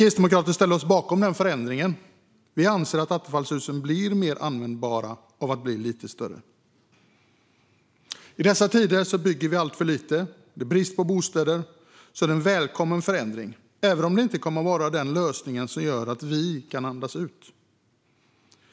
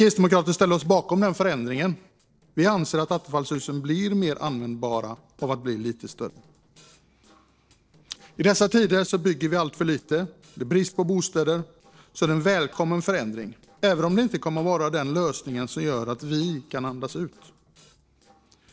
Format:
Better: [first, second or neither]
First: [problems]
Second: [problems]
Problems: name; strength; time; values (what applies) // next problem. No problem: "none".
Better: first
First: none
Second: noise reduction (neural separator model SepFormer DNS4)